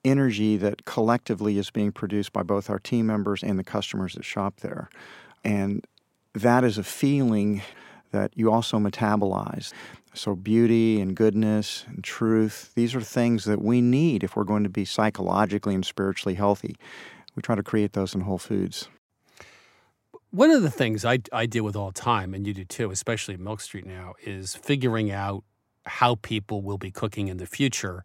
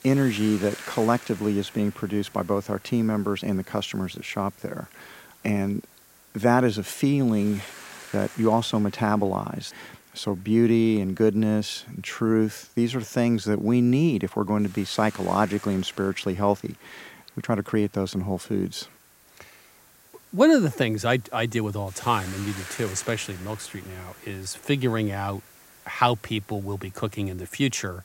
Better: first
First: none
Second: hiss; faint; throughout; 20 dB below the speech

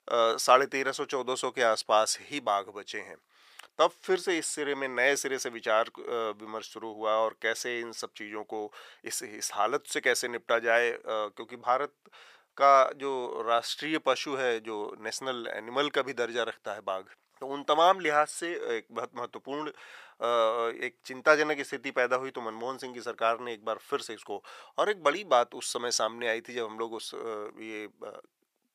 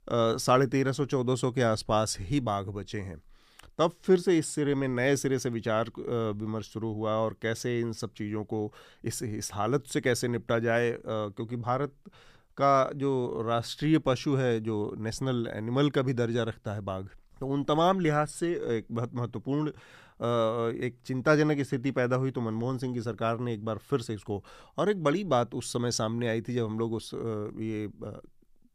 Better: second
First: thin; very; fading below 650 Hz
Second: none

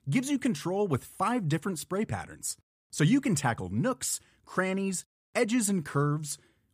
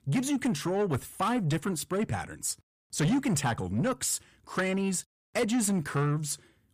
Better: first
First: none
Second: distortion; slight; 10 dB below the speech

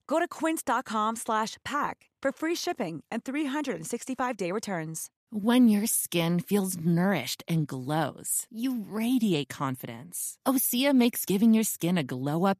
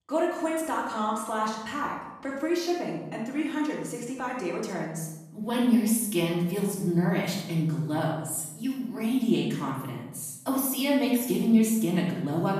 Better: first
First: none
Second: off-mic speech; far // room echo; noticeable; dies away in 0.8 s

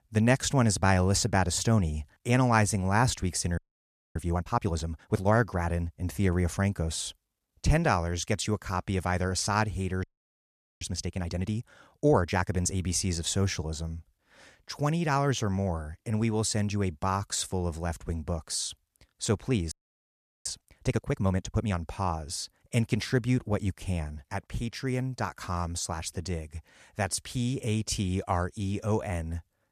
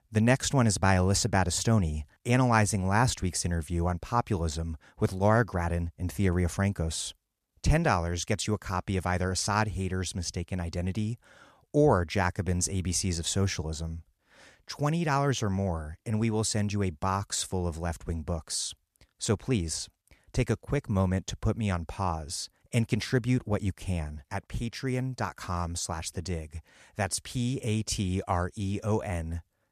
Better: second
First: audio freezing; at 3.5 s for 0.5 s, at 10 s for 1 s and at 20 s for 0.5 s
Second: none

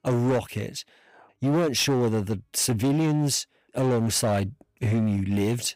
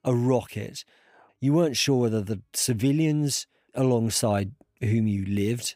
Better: second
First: distortion; slight; 15% of the sound clipped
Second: none

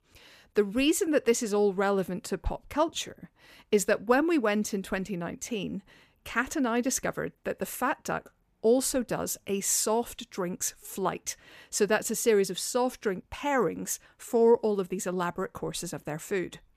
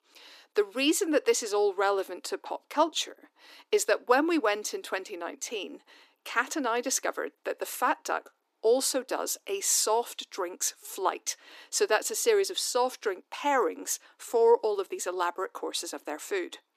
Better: first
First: none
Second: thin; somewhat; fading below 300 Hz

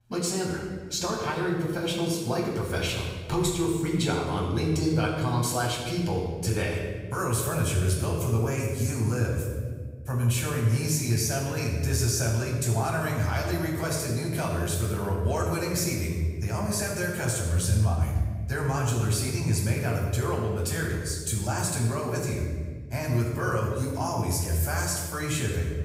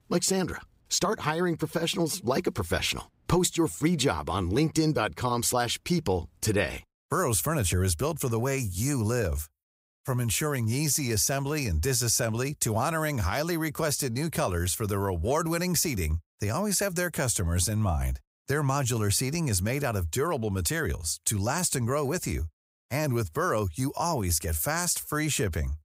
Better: second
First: off-mic speech; far // room echo; noticeable; dies away in 1.5 s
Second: none

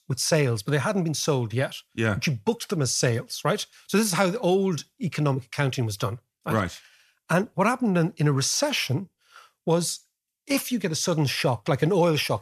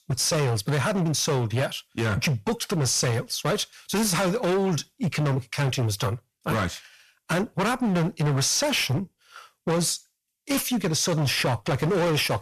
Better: first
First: none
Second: distortion; heavy; 21% of the sound clipped

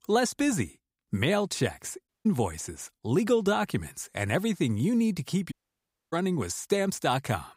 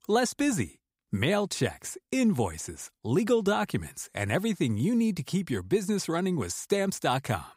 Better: second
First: audio cutting out; at 2 s and at 5.5 s for 0.5 s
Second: none

